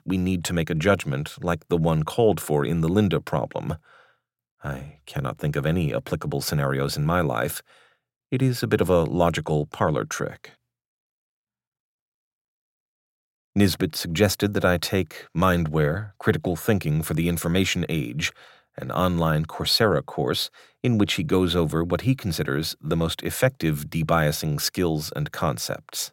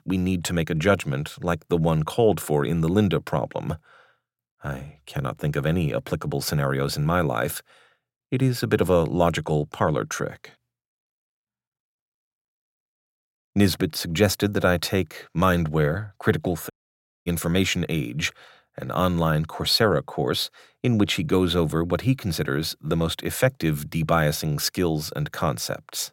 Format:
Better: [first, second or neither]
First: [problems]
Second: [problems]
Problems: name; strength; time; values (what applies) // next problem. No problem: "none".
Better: first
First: none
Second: audio cutting out; at 17 s for 0.5 s